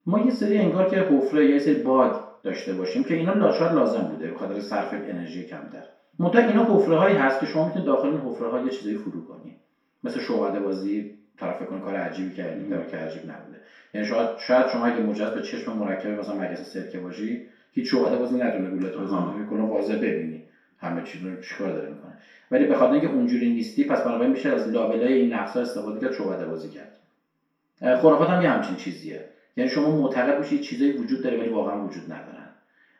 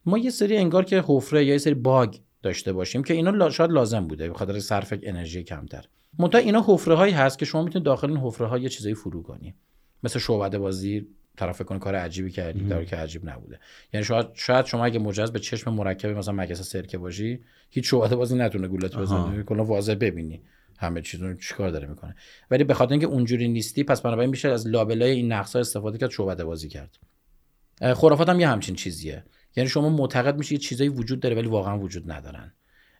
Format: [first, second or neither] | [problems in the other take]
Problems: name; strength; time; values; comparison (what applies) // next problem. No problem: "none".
second | room echo; noticeable; dies away in 0.6 s // off-mic speech; far